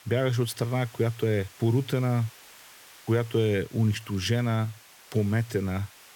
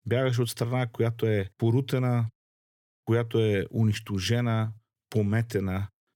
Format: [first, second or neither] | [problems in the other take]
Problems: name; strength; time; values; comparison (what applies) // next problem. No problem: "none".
second | hiss; faint; throughout; 20 dB below the speech